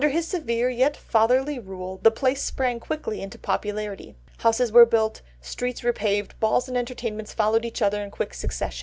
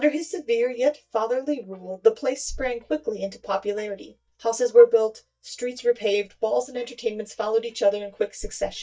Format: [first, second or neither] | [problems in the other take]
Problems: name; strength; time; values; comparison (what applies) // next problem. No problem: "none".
first | noise reduction (neural mask model DeepFilterNet 3)